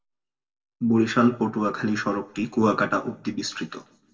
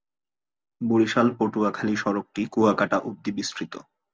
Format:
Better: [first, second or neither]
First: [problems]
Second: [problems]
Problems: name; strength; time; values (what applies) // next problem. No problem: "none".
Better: second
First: room echo; dies away in 0.6 s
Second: none